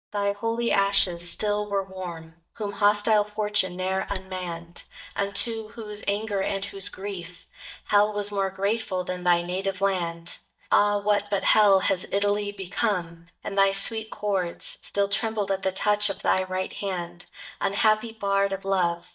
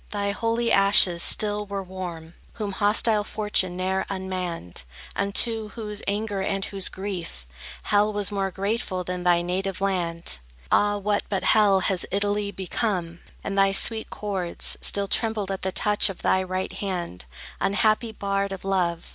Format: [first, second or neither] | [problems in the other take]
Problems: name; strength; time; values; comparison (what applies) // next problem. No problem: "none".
second | noise reduction (neural mask model DeepFilterNet 3)